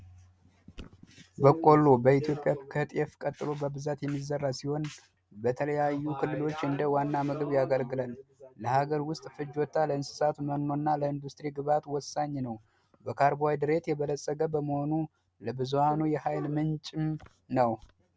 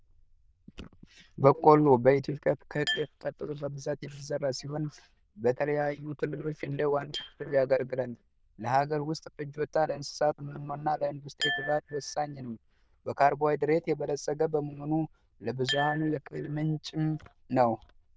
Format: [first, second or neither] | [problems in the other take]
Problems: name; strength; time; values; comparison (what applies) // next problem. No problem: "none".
first | noise reduction (neural diffusion model UNIVERSE++)